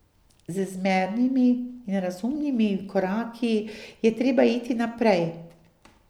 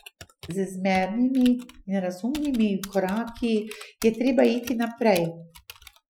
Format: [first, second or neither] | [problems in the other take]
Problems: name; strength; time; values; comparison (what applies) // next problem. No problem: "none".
first | noise reduction (classical method Wiener filter)